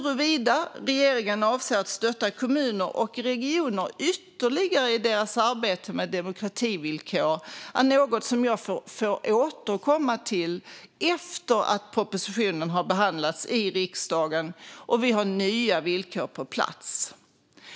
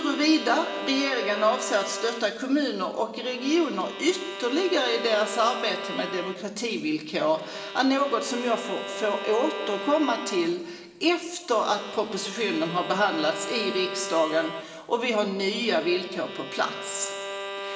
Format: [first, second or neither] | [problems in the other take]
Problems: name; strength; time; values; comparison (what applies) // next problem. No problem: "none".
first | background sound (Bowed string instrument); 10 dB below the speech // room echo; dies away in 1.7 s